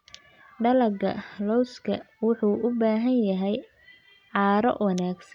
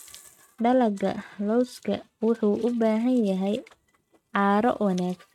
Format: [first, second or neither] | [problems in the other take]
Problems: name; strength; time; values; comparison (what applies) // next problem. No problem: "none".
first | noise reduction (neural mask model RNNoise)